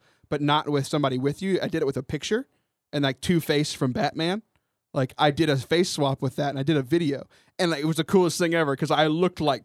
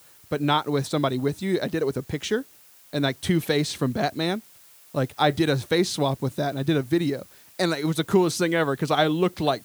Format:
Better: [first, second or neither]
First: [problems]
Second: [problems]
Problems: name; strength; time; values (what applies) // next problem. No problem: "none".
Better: first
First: none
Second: hiss; faint; throughout; 25 dB below the speech